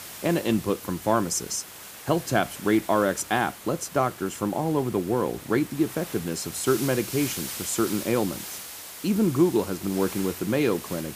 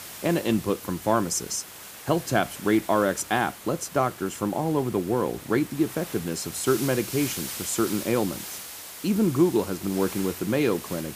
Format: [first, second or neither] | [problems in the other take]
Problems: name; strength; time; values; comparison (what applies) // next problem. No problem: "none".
neither | hiss; noticeable; throughout; 10 dB below the speech; the same in both